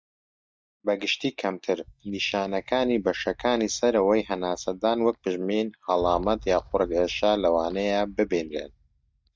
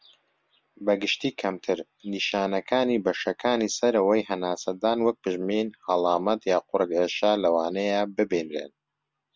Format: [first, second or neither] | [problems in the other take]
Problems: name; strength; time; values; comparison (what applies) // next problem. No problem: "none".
second | noise reduction (neural mask model DeepFilterNet 3)